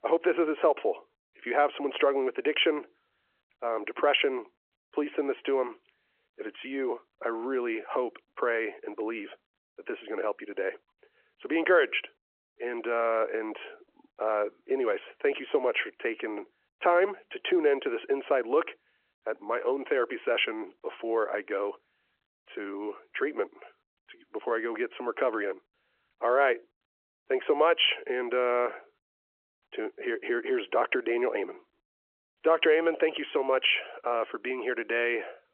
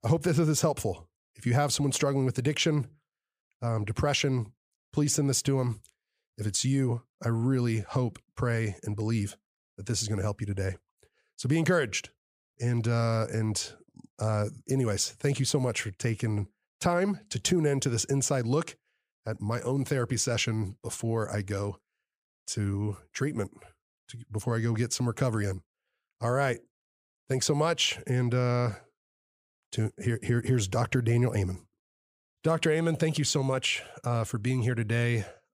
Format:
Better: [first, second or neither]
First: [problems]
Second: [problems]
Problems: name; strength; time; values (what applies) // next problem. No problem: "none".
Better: second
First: phone-call audio; nothing above 3 kHz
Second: none